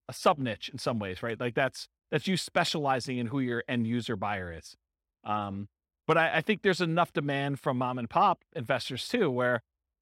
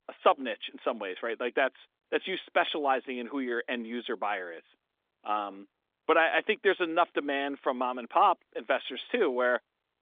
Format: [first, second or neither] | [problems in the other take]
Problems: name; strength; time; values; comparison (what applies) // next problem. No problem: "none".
first | phone-call audio; nothing above 3.5 kHz